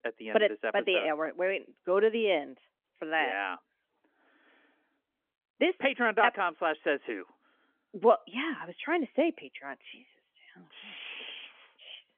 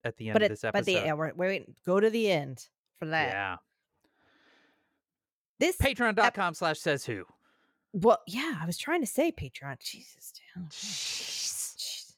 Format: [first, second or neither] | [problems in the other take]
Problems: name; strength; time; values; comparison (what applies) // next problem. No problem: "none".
second | phone-call audio; nothing above 3.5 kHz